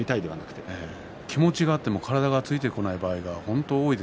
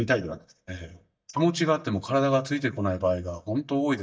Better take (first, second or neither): first